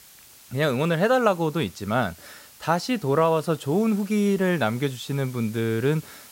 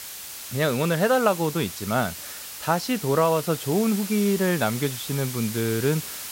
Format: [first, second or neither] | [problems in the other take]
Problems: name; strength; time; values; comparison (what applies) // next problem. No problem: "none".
first | hiss; loud; throughout; 9 dB below the speech; faint in the first